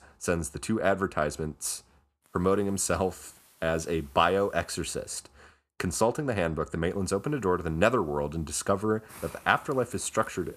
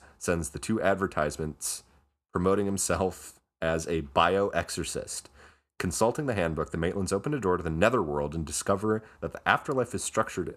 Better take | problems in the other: second | hiss; faint; from 2.5 to 5 s and from 7 s on; 25 dB below the speech

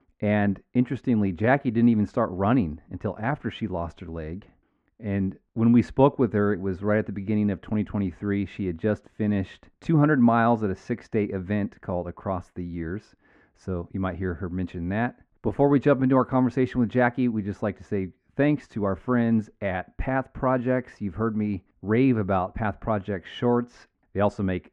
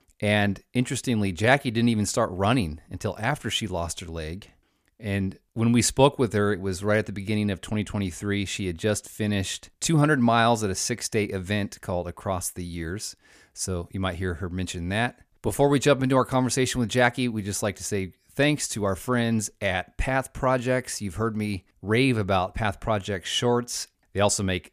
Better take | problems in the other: second | muffled; very; fading above 1.5 kHz

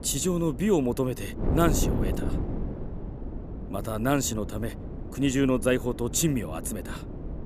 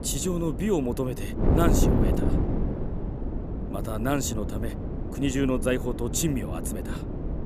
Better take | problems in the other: first | wind noise on the microphone; heavy; 5 dB below the speech; occasional gusts in the first

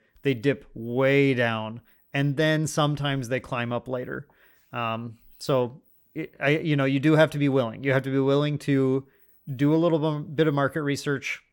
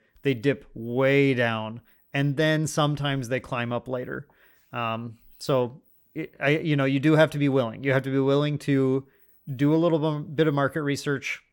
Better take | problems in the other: neither | none

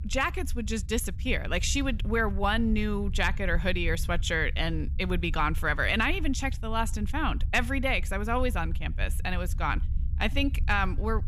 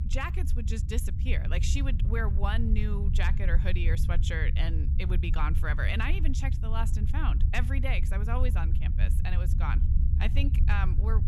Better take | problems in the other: first | low rumble; loud; throughout; 9 dB below the speech; faint in the first

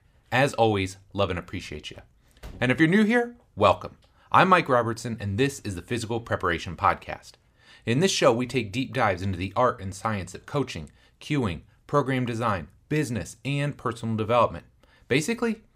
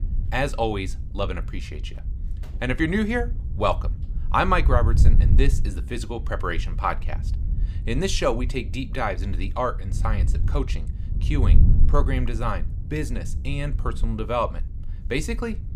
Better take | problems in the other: first | wind noise on the microphone; occasional gusts; 15 dB below the speech

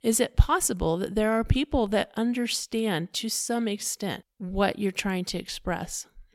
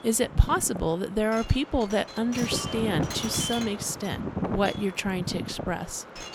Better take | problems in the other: first | wind noise on the microphone; heavy; 7 dB below the speech

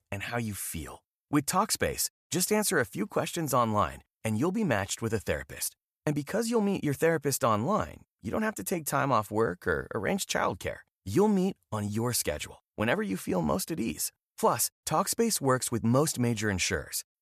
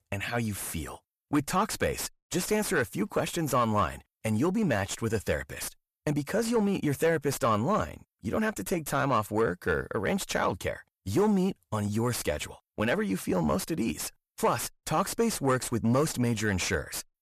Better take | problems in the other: first | distortion; slight; 9 dB below the speech

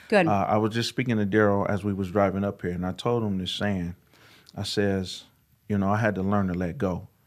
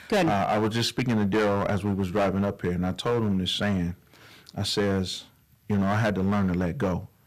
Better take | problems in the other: first | distortion; heavy; 11% of the sound clipped

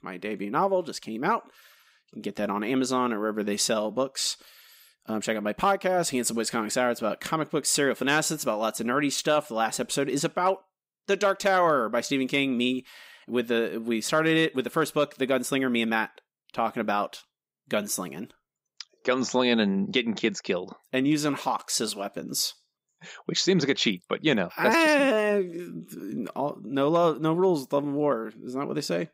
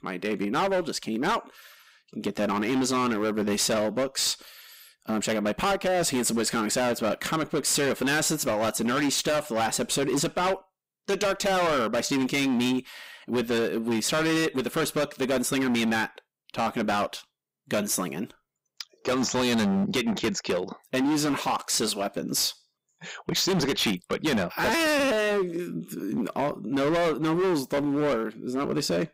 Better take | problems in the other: first | distortion; heavy; 20% of the sound clipped

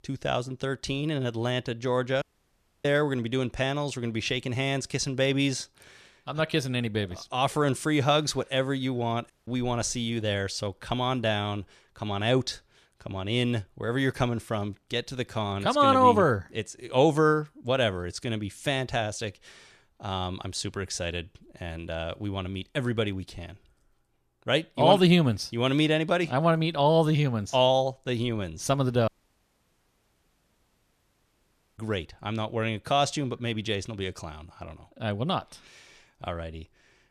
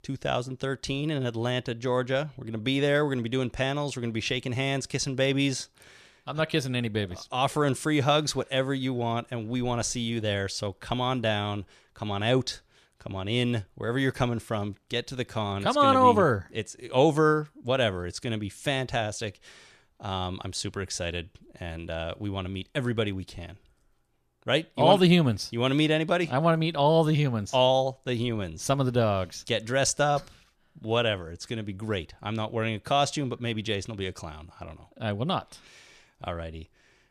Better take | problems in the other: second | audio cutting out; at 2 s for 0.5 s, at 9.5 s and at 29 s for 2.5 s

